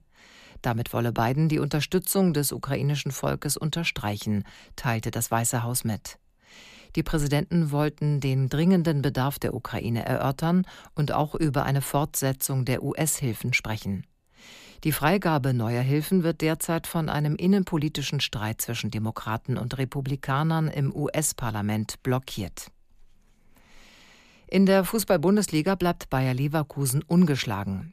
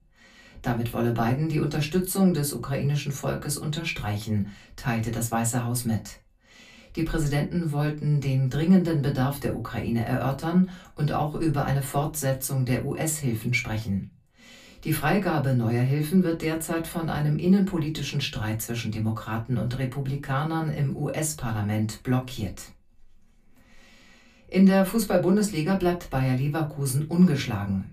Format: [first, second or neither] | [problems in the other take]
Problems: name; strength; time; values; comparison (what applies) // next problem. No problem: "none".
first | off-mic speech; far // room echo; very slight; dies away in 0.2 s